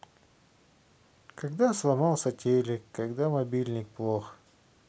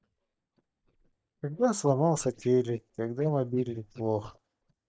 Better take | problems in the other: first | noise reduction (neural mask model DeepFilterNet 3)

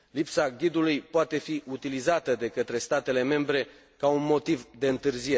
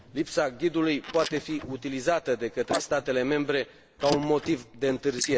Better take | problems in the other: first | noise reduction (neural mask model Resemble Enhance denoiser)

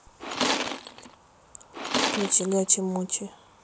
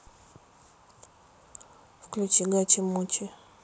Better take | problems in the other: second | background sound (Tools); 1 dB below the speech

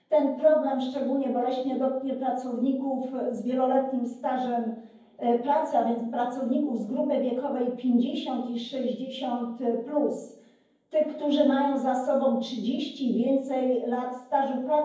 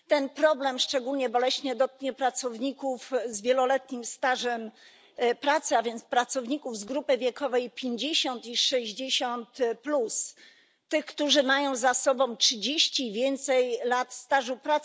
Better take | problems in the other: second | room echo; dies away in 0.9 s

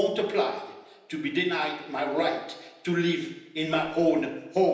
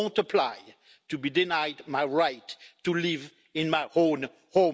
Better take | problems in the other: second | background sound (Wind instrument, woodwind instrument); 14 dB below the speech // room echo; dies away in 0.9 s

